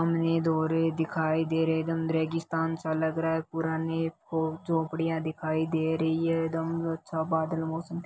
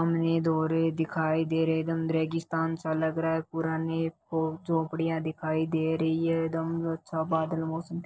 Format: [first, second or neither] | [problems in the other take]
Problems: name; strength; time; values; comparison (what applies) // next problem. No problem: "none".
first | noise reduction (neural separator model SepFormer DNS4)